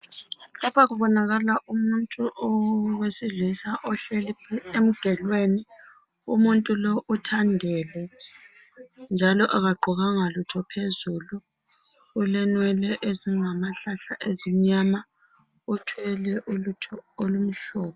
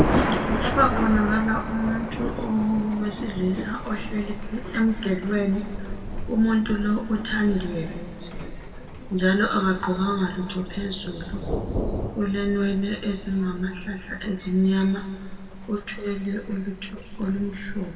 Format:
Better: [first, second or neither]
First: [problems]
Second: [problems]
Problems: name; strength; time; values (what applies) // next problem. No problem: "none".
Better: first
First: none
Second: background sound (Thunder); 5 dB below the speech // room echo; dies away in 1.9 s